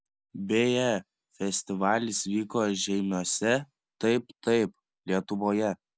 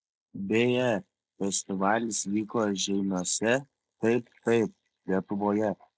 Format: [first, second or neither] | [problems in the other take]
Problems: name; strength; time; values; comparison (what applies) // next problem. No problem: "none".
first | noise reduction (neural mask model Resemble Enhance denoiser)